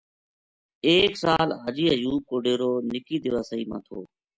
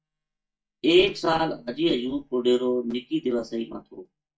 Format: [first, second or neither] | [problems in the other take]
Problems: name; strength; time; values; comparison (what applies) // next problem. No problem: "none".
first | noise reduction (neural mask model DeepFilterNet 3)